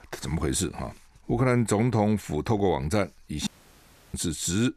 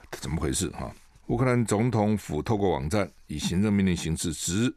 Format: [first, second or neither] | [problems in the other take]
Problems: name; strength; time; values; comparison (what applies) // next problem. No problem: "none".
second | audio cutting out; at 3.5 s for 0.5 s